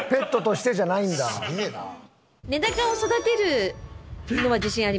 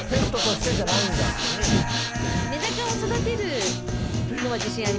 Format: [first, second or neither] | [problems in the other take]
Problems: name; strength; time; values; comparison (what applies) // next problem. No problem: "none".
first | background sound (Guitar + Breathing); 5 dB above the speech